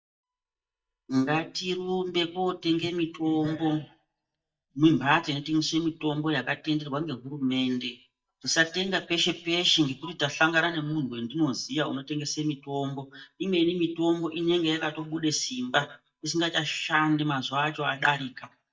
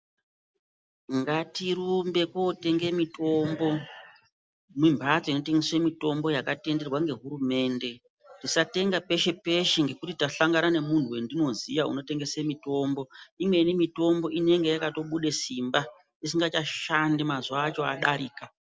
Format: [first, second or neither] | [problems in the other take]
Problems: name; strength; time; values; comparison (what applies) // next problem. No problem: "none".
second | noise reduction (neural mask model DeepFilterNet 3)